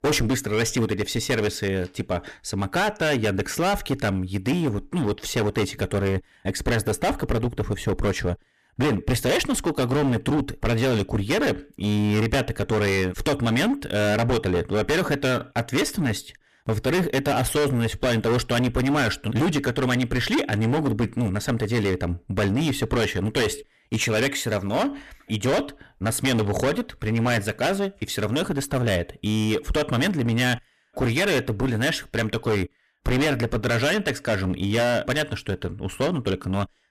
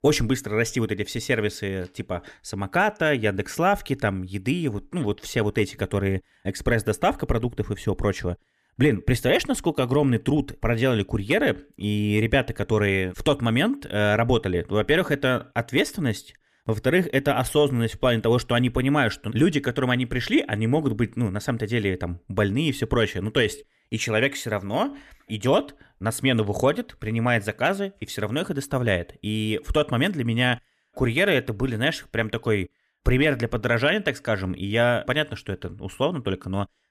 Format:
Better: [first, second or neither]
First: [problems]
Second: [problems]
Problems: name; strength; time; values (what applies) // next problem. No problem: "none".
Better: second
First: distortion; heavy; 19% of the sound clipped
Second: none